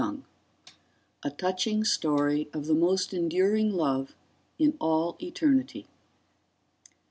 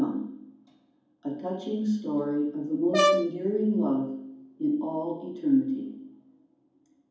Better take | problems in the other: first | background sound (Brass instrument); 2 dB above the speech // room echo; dies away in 1.2 s

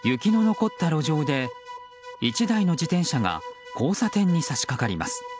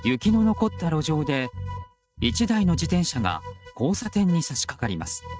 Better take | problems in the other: first | noise reduction (neural mask model RNNoise)

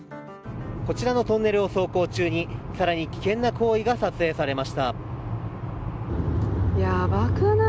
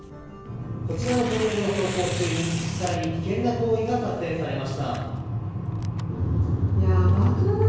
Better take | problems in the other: first | background sound (Tearing); 15 dB below the speech // room echo; dies away in 1 s

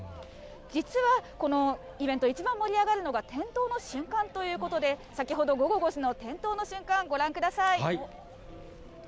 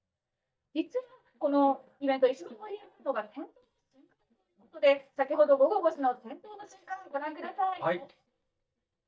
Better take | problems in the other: first | noise reduction (neural mask model DeepFilterNet 3)

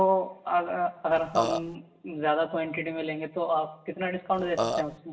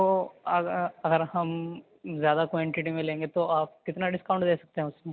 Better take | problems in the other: second | background sound (Burping, eructation); 2 dB below the speech // room echo; dies away in 0.7 s

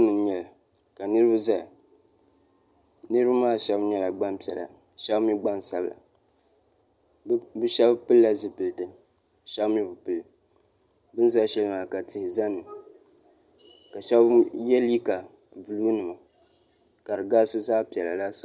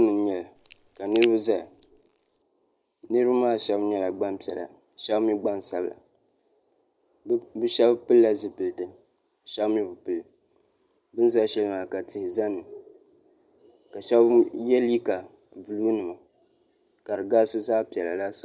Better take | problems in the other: first | noise reduction (neural mask model Resemble Enhance denoiser)

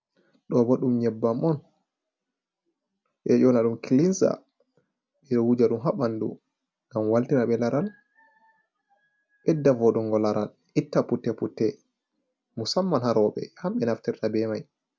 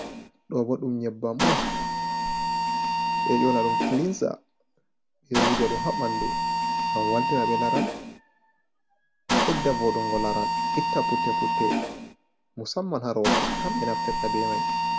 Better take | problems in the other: first | background sound (Mechanisms); 3 dB above the speech

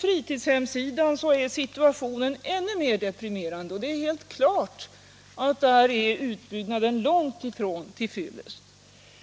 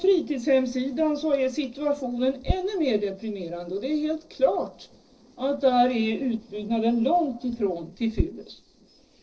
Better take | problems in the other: first | noise reduction (neural separator model SepFormer DNS4)

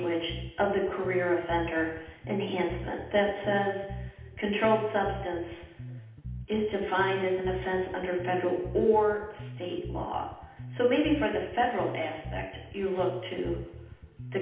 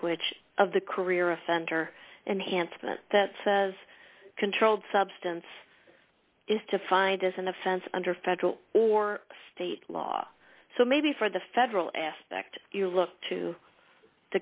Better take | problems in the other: second | background sound (Bass guitar); 12 dB below the speech // room echo; dies away in 0.8 s

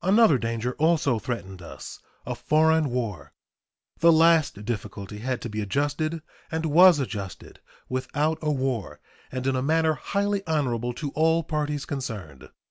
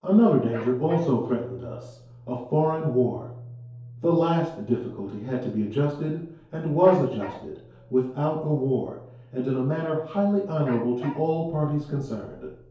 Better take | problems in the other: first | background sound (Bark); 17 dB below the speech // room echo; dies away in 2.4 s

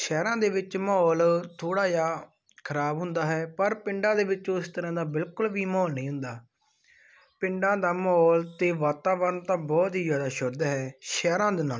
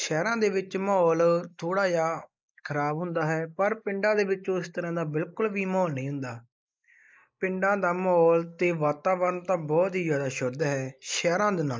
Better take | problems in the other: first | noise reduction (neural mask model Resemble Enhance denoiser)

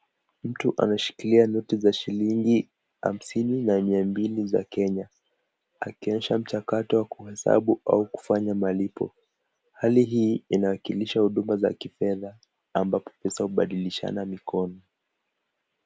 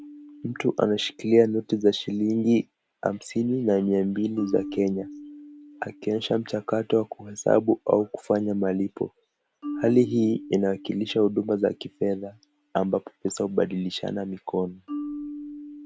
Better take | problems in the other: first | background sound (Marimba, xylophone); 16 dB below the speech

